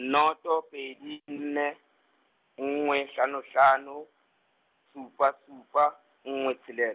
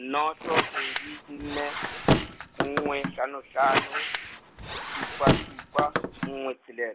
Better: first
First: none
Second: background sound (Squeak); 3 dB above the speech

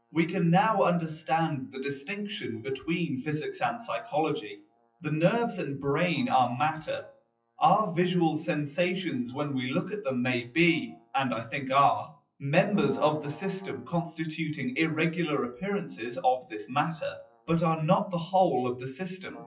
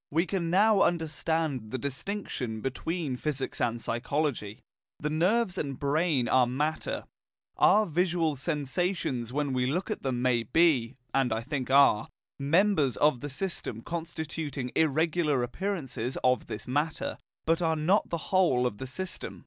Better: second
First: noise reduction (classical method WPE with log-MMSE)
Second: none

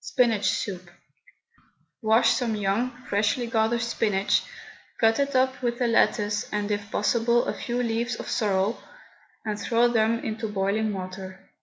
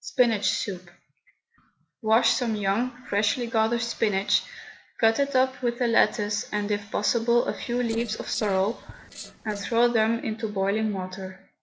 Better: first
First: none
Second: noise reduction (neural separator model SepFormer DNS4)

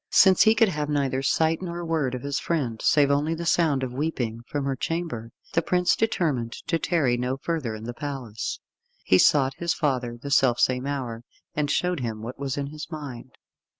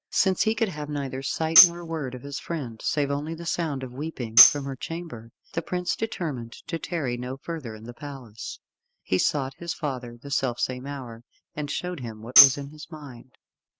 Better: first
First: none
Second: noise reduction (neural mask model RNNoise)

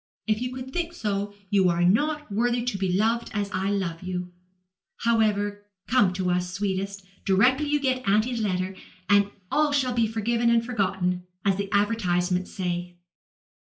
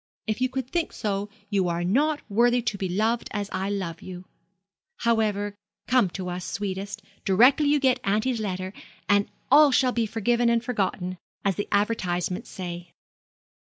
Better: second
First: room echo; dies away in 0.3 s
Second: none

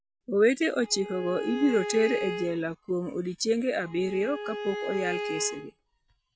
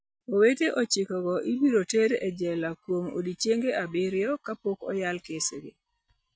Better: second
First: background sound (Bowed string instrument); 8 dB below the speech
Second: none

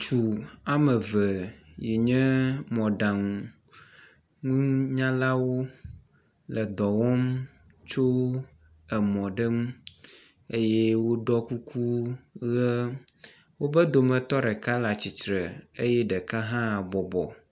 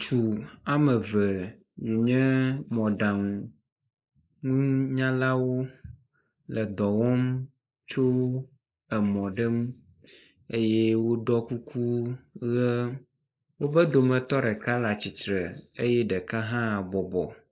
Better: first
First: none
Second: noise reduction (neural mask model Resemble Enhance denoiser)

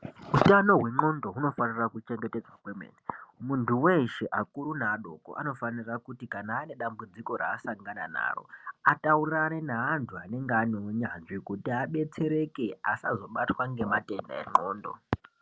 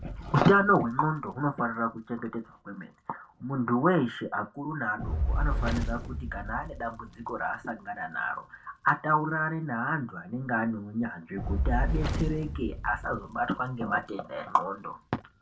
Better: first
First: none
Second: background sound (Fire); 6 dB below the speech // room echo; dies away in 0.2 s

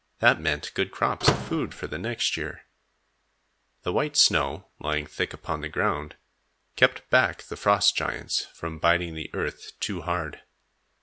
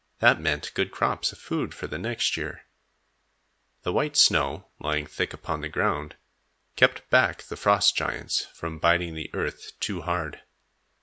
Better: second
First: background sound (Slam / Microwave oven); 2 dB below the speech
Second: none

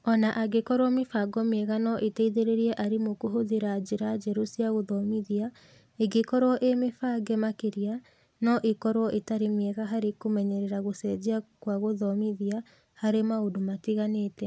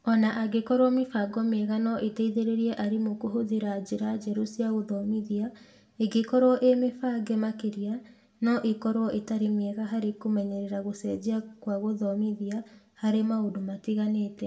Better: first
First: none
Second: room echo; dies away in 0.6 s

